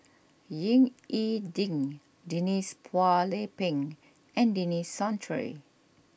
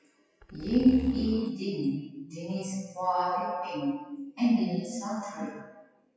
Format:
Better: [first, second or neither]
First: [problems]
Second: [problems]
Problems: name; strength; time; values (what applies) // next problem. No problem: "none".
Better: first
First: none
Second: noise reduction (classical method WPE with log-MMSE)